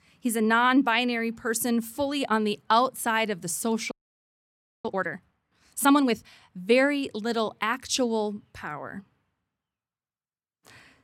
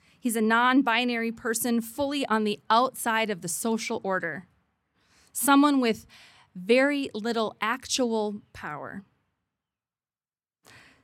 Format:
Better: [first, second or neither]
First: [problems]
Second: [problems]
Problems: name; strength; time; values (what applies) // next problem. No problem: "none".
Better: second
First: audio freezing; at 4 s for 1 s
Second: none